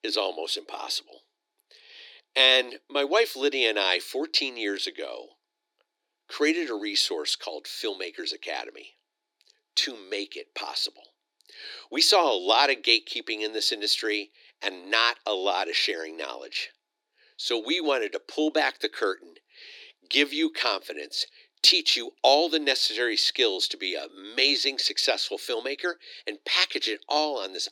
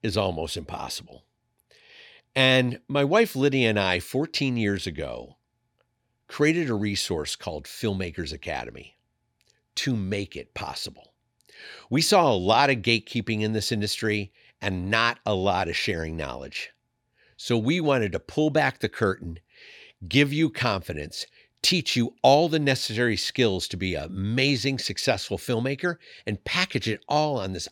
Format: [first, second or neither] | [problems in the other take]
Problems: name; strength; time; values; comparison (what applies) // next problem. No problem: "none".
second | thin; somewhat; fading below 300 Hz